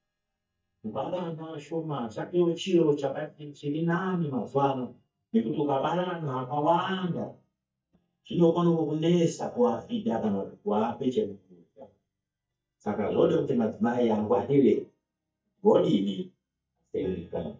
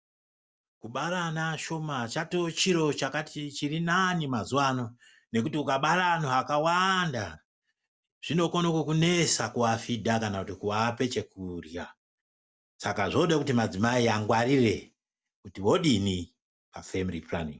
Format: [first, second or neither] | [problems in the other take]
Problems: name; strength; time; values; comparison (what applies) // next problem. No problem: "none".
second | noise reduction (neural mask model DeepFilterNet 3)